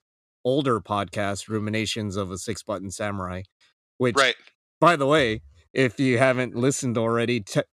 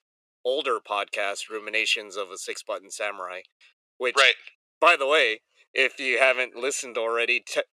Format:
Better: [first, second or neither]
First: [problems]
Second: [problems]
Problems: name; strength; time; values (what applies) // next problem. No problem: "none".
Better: first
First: none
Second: thin; very; fading below 450 Hz